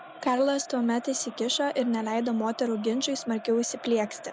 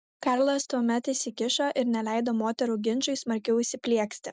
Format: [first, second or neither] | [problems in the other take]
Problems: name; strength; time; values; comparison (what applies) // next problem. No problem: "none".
second | background sound (Crowd); 17 dB below the speech